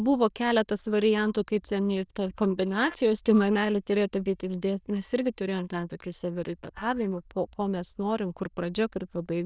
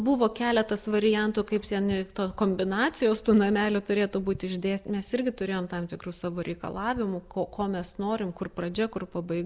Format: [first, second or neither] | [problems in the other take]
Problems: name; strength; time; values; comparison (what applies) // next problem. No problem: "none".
second | noise reduction (neural diffusion model UNIVERSE++)